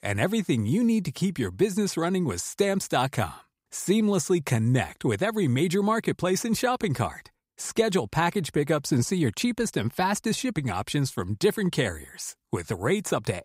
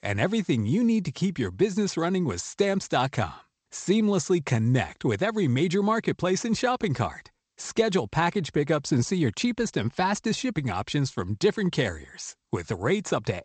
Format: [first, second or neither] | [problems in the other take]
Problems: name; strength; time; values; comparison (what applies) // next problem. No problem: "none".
first | garbled, watery; slightly; nothing above 8 kHz